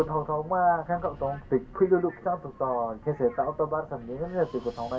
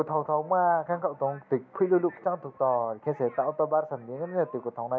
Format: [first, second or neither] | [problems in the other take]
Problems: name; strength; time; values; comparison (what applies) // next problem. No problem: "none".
second | background sound (Wind); 20 dB below the speech // room echo; dies away in 0.1 s